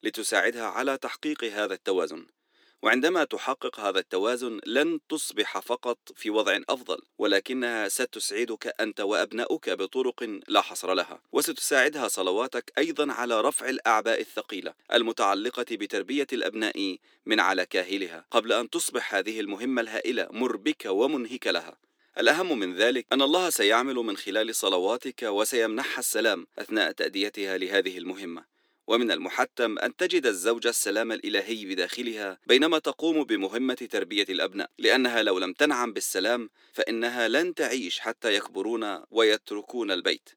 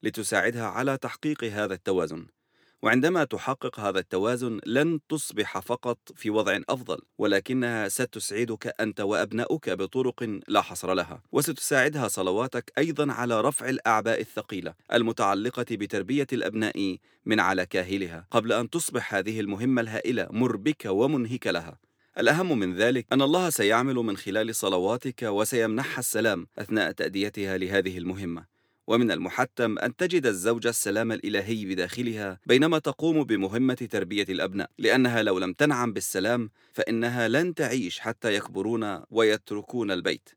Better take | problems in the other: second | thin; very slightly; fading below 300 Hz

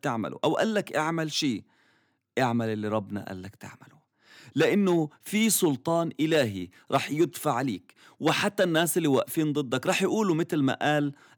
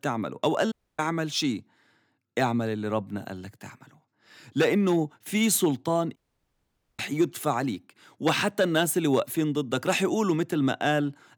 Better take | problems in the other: first | audio cutting out; at 0.5 s and at 6 s for 1 s

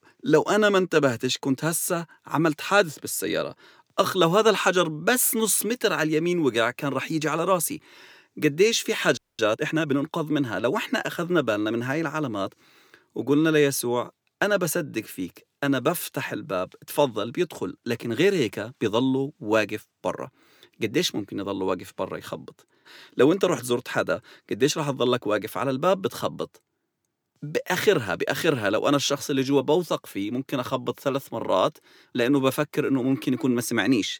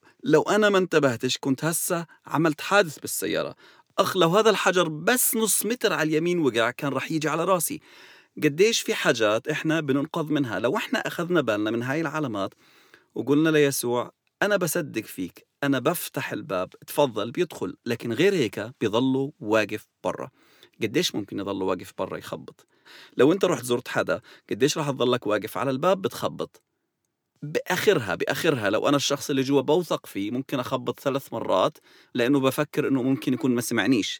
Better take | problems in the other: second | audio freezing; at 9 s

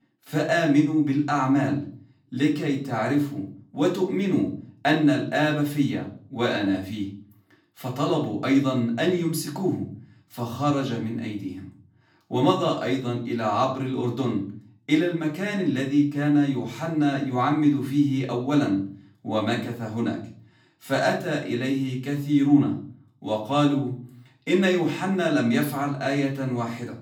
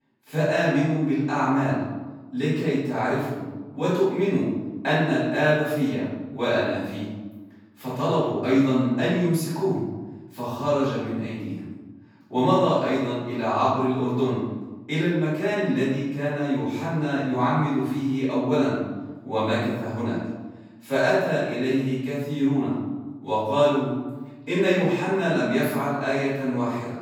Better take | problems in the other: first | room echo; strong; dies away in 1.1 s; slight in the first // off-mic speech; far; far in the first

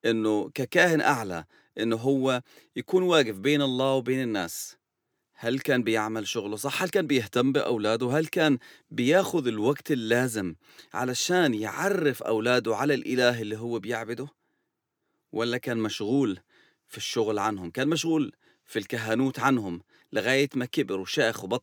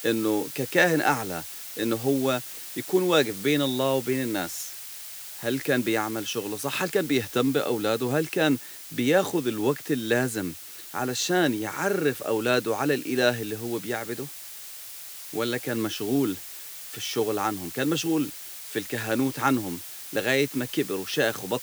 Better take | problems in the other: first | hiss; noticeable; throughout; 10 dB below the speech

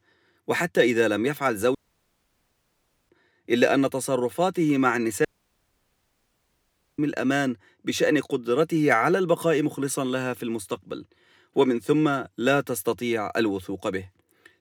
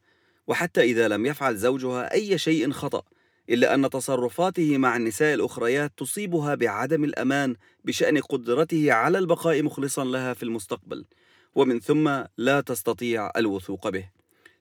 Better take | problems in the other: second | audio cutting out; at 2 s for 1.5 s and at 5.5 s for 1.5 s

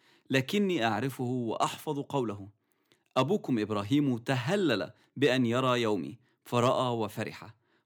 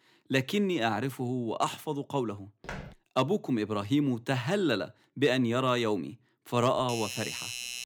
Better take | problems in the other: first | footsteps; faint; at 2.5 s; peak 10 dB below the speech // doorbell; noticeable; from 7 s on; peak 5 dB below the speech

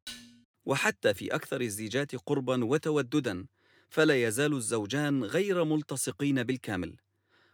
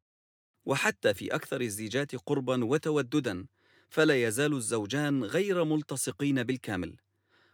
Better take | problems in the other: second | clattering dishes; faint; at the start; peak 15 dB below the speech

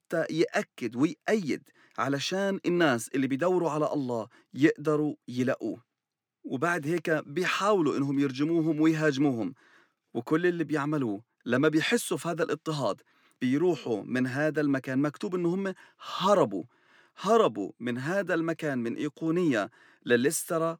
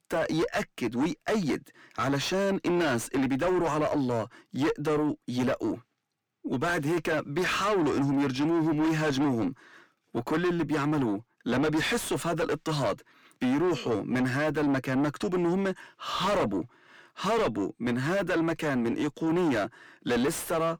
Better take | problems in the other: first | distortion; heavy; 5 dB below the speech

